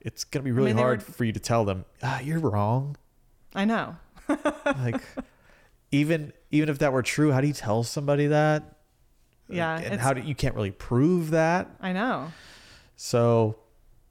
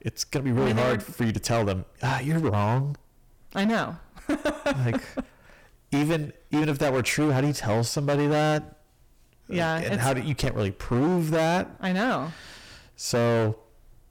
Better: first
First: none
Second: distortion; heavy; 16% of the sound clipped

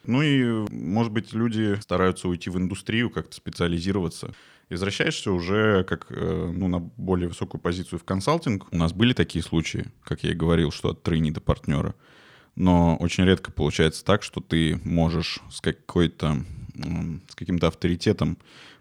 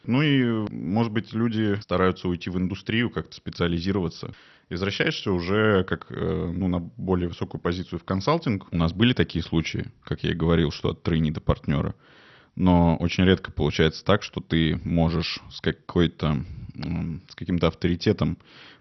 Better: first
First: none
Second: garbled, watery; slightly; nothing above 6 kHz

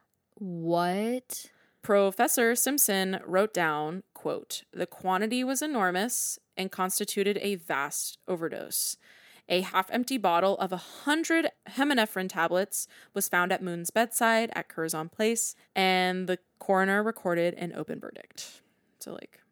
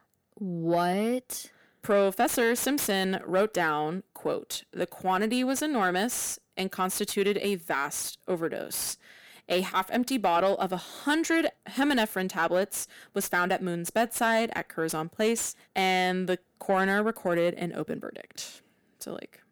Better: first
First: none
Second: distortion; slight; 10 dB below the speech

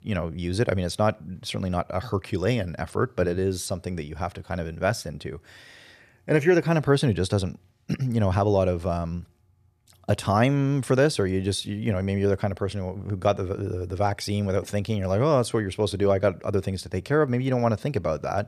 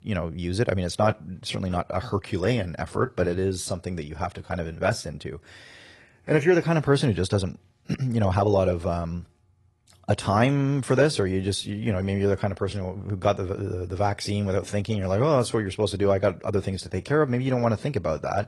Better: first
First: none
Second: garbled, watery; slightly

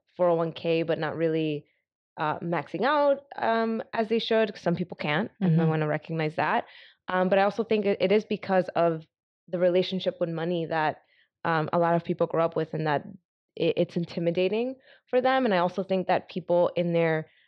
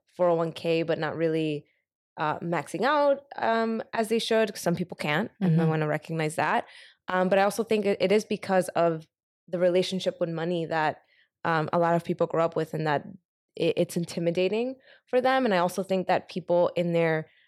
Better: second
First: muffled; very slightly; fading above 4 kHz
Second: none

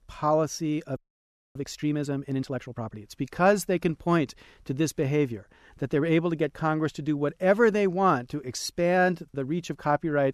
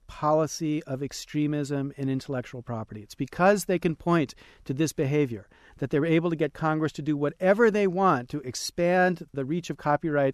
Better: second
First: audio freezing; at 1 s for 0.5 s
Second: none

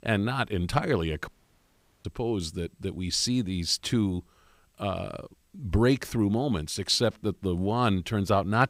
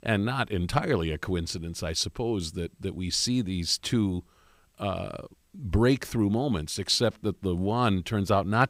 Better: second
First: audio cutting out; at 1.5 s for 1 s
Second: none

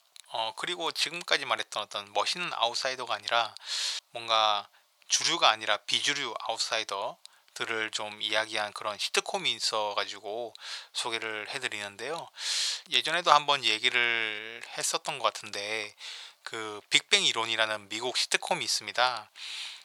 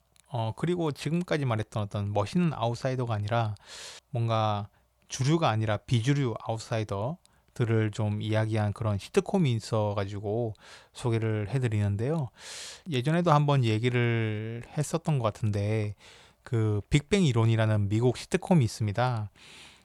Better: second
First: thin; very; fading below 950 Hz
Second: none

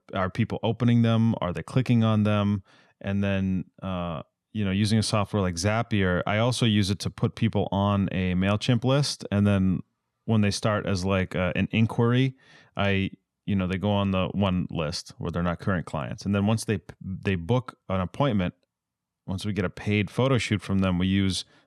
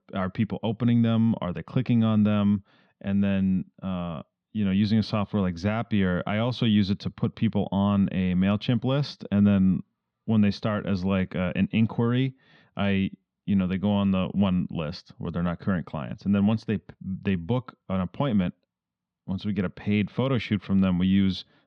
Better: first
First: none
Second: muffled; very slightly; fading above 4 kHz

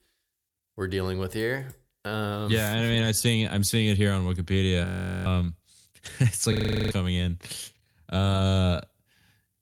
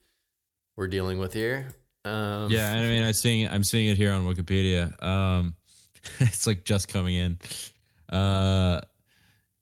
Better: second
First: audio freezing; at 5 s and at 6.5 s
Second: none

